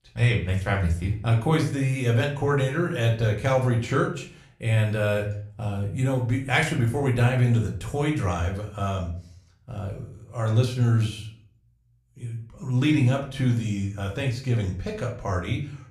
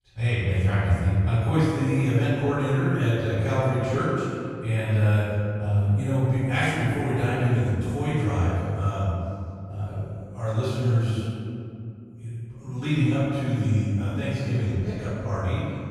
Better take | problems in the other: first | room echo; strong; dies away in 2.4 s; slight in the first // off-mic speech; far; somewhat distant in the first

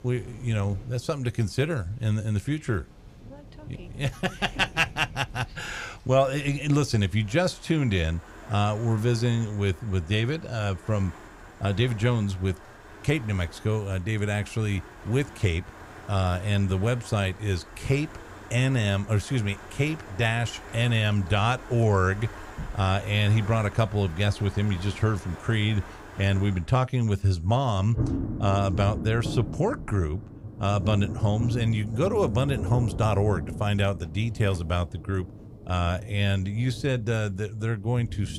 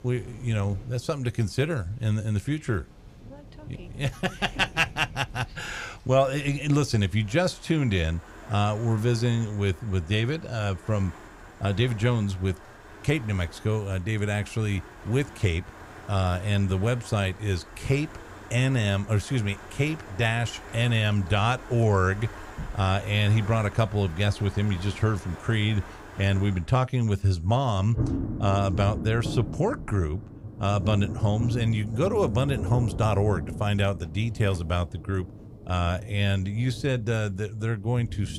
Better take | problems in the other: neither | rain or running water; noticeable; throughout; 15 dB below the speech; the same in both

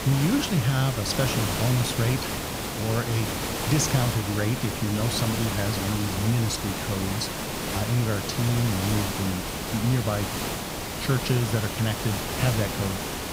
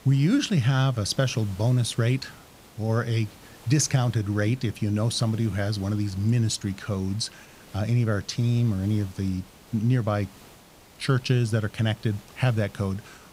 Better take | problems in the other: second | hiss; loud; throughout; 2 dB below the speech; faint in the second

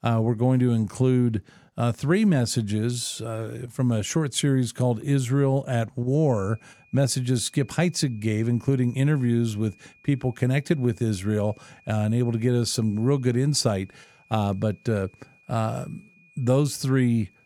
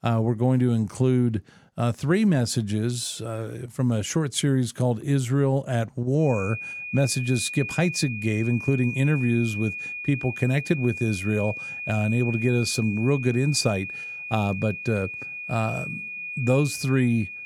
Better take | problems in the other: first | high-pitched whine; loud; from 6.5 s on; 2.5 kHz, 8 dB below the speech; faint in the first

